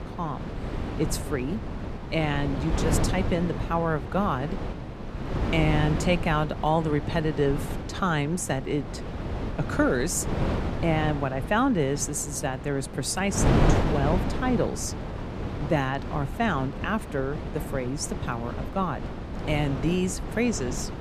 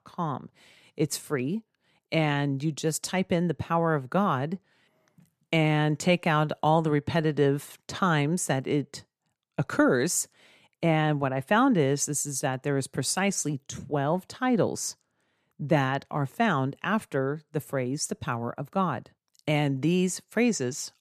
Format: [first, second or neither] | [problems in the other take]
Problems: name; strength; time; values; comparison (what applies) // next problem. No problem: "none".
second | wind noise on the microphone; heavy; 7 dB below the speech